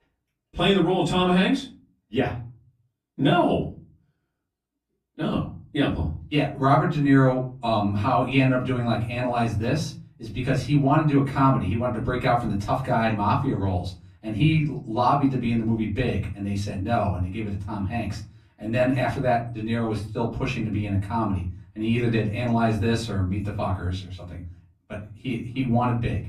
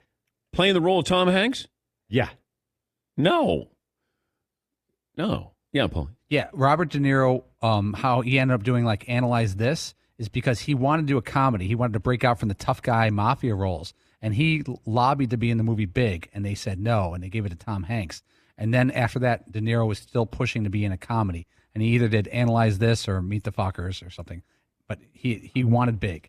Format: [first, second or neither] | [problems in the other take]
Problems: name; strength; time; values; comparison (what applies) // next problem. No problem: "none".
second | off-mic speech; far // room echo; slight; dies away in 0.4 s